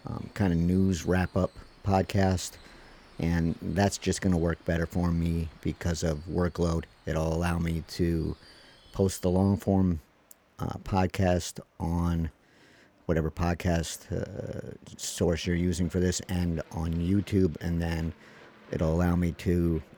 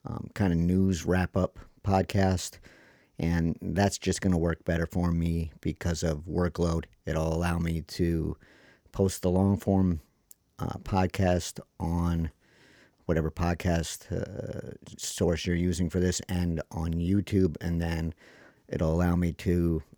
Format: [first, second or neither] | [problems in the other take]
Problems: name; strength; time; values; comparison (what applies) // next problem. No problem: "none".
second | train or aircraft noise; faint; throughout; 25 dB below the speech